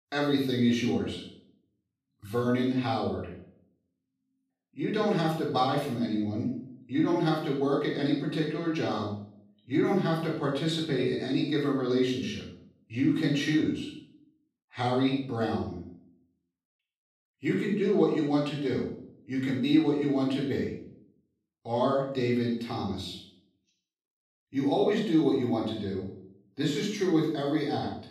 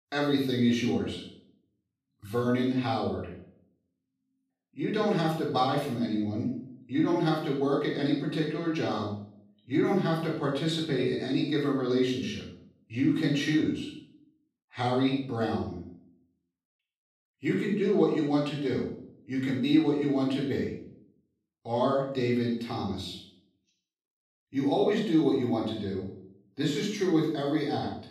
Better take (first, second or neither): neither